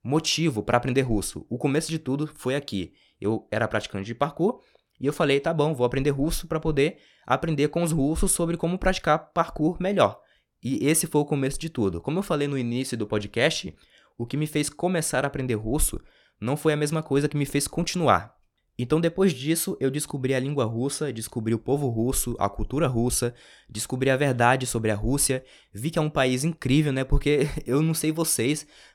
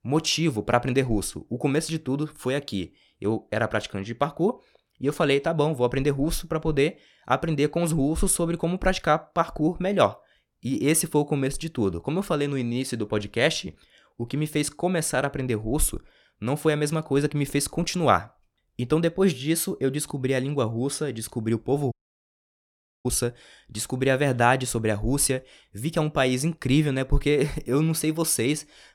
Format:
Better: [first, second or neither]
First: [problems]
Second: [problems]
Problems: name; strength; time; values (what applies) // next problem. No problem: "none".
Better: first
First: none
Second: audio cutting out; at 22 s for 1 s